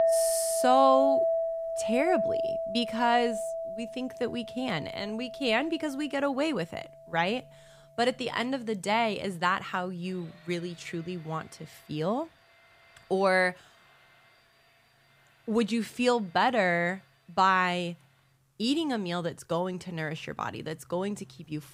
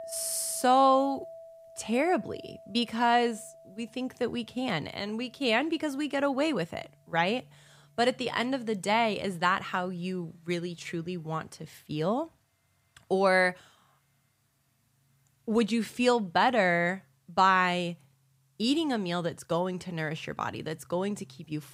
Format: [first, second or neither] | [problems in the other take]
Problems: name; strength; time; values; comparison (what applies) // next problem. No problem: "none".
second | household noises; loud; throughout; 1 dB below the speech; faint in the second